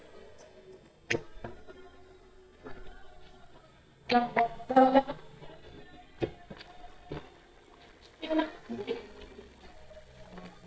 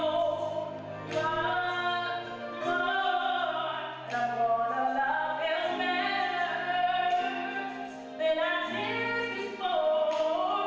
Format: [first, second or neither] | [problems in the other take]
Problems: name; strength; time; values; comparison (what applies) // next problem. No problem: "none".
second | noise reduction (neural mask model DeepFilterNet 3)